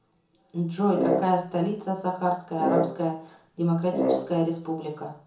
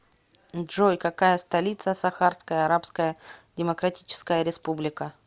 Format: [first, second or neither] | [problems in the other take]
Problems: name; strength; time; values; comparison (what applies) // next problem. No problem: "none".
second | background sound (Brass instrument); 2 dB below the speech // room echo; dies away in 0.6 s